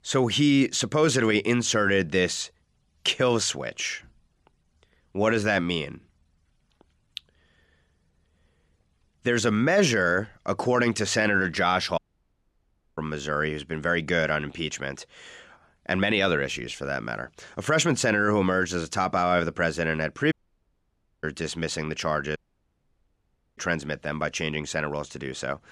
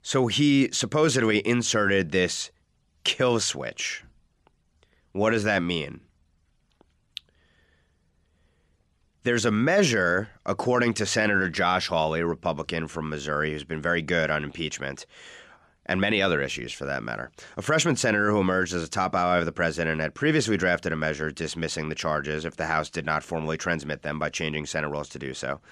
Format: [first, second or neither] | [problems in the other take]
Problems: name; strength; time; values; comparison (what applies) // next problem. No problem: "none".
second | audio cutting out; at 12 s for 1 s, at 20 s for 1 s and at 22 s for 1 s